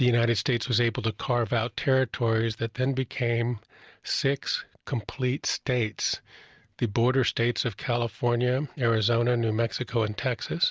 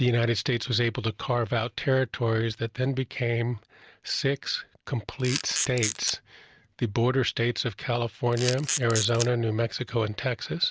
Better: first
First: none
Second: background sound (Camera); 5 dB below the speech

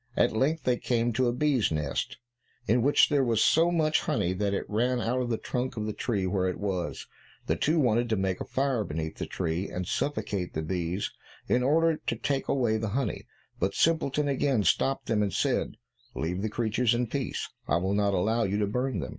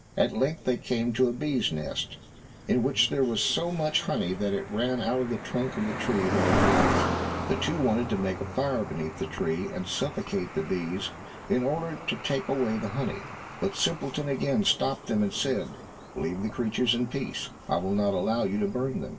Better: first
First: none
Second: background sound (Cricket); 6 dB below the speech // room echo; dies away in 2.7 s

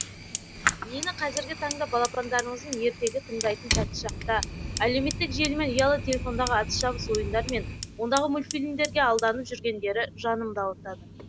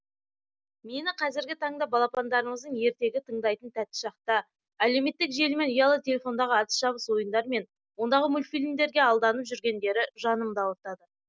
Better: second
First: background sound (Fire); 6 dB below the speech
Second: none

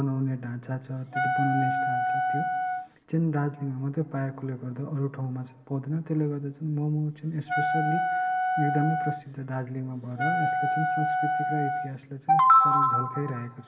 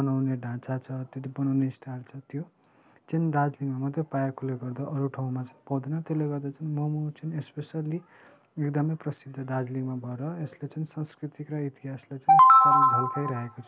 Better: second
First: background sound (Wind instrument, woodwind instrument); as loud as the speech // room echo; dies away in 2.1 s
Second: none

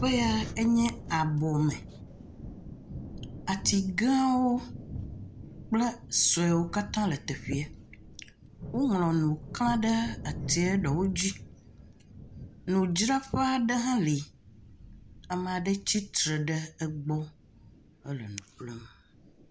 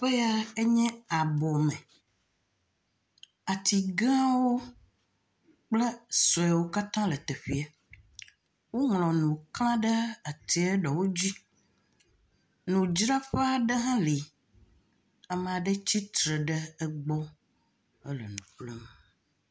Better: second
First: background sound (Thunder); 13 dB below the speech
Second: none

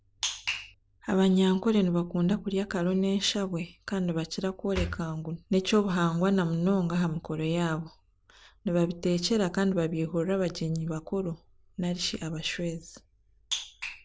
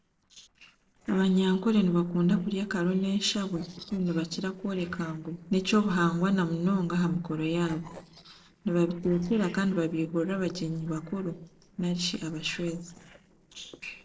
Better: first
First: none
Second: noise reduction (neural separator model SepFormer DNS4)

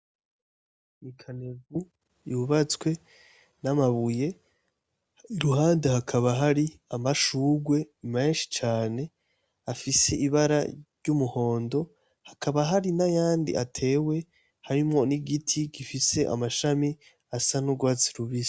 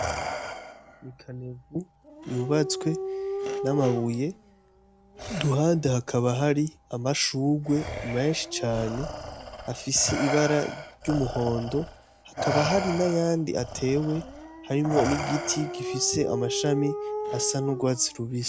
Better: first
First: none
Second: background sound (Respiratory sounds + Dog); 7 dB below the speech

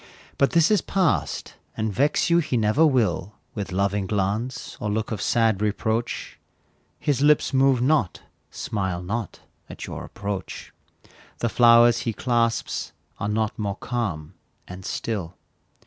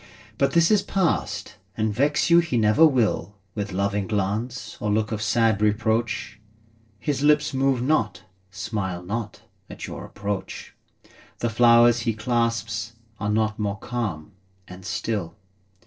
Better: first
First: none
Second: noise reduction (neural separator model SepFormer DNS4)

